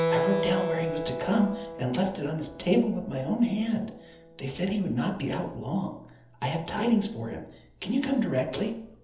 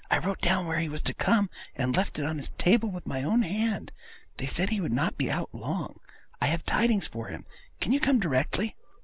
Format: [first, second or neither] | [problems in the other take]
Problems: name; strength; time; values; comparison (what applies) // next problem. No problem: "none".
second | background sound (Keyboard (musical)); 7 dB below the speech // room echo; dies away in 0.7 s